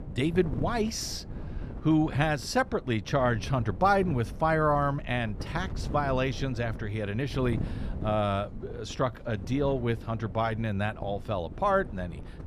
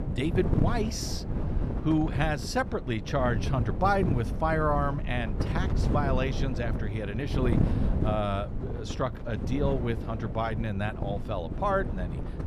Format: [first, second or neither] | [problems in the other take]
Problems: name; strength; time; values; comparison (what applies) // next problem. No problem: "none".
first | wind noise on the microphone; heavy; 9 dB below the speech; occasional gusts in the first